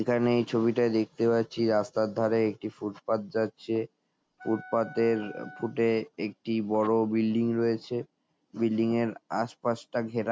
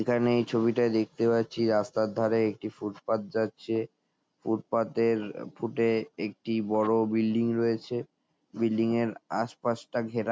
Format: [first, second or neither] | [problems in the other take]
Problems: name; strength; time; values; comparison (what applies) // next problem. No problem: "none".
second | background sound (Wind instrument, woodwind instrument); 19 dB below the speech